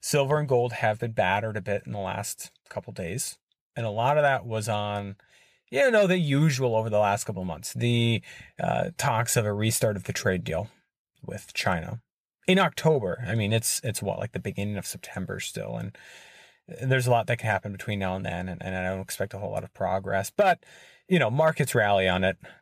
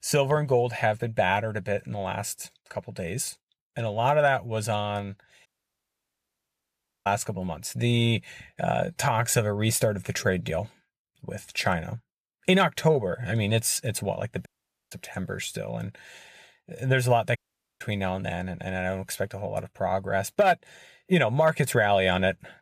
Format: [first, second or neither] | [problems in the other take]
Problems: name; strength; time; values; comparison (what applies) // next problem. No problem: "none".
first | audio cutting out; at 5.5 s for 1.5 s, at 14 s and at 17 s